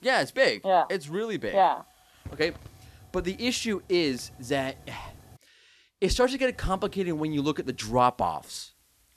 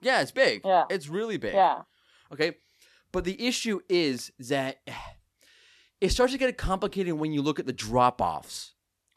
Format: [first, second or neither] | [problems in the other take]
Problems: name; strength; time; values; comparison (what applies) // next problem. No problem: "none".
second | hiss; faint; until 5.5 s and from 6.5 s on; 25 dB below the speech